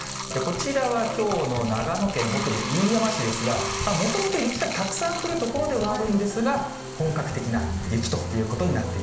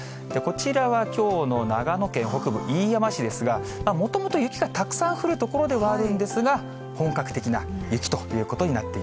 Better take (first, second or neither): second